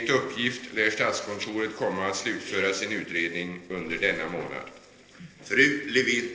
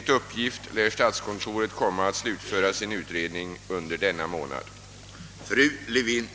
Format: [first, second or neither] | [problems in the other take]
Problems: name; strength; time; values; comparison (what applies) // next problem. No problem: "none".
second | noise reduction (neural separator model SepFormer DNS4)